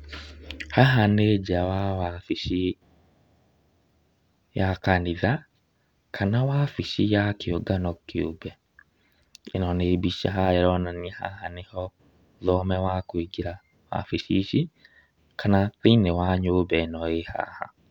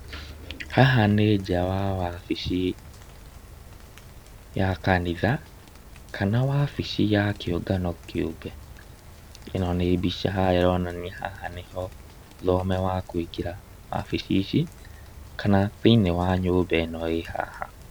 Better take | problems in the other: first | background sound (Rain); 19 dB below the speech

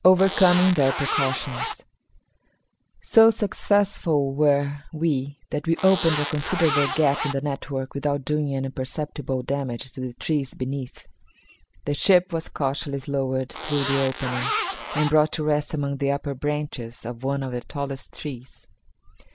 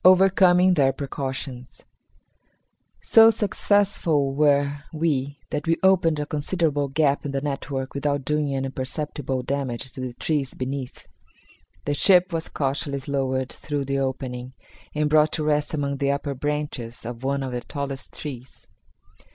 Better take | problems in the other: second | background sound (Zipper (clothing)); 5 dB below the speech

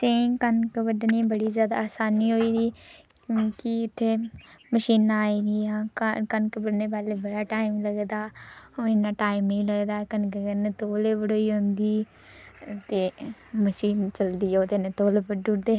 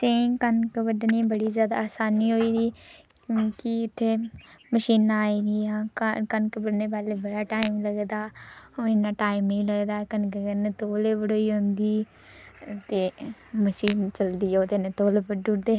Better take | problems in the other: first | background sound (Tap / Glass); 15 dB below the speech

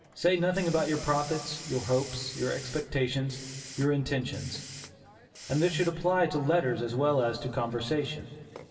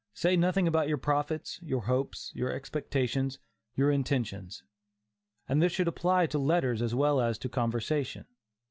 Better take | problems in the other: second | background sound (Hiss); 16 dB below the speech // room echo; dies away in 2 s

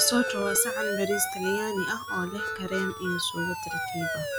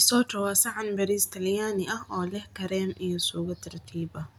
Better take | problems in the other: second | background sound (Harmonica + Siren); 2 dB below the speech

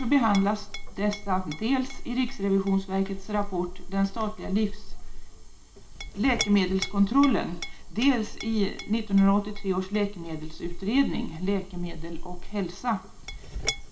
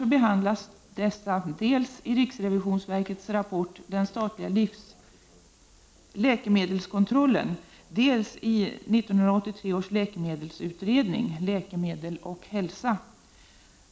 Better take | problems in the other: second | background sound (Chink, clink); 6 dB below the speech // room echo; dies away in 0.2 s

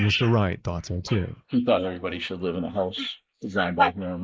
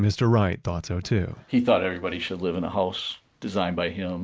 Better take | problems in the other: second | noise reduction (neural mask model Resemble Enhance denoiser)

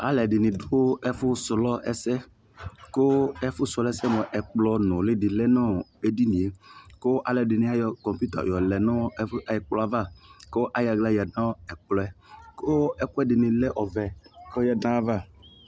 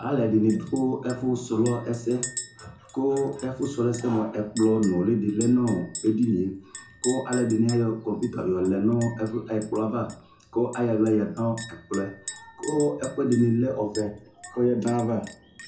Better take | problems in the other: first | background sound (Chink, clink); 16 dB below the speech // room echo; dies away in 0.5 s

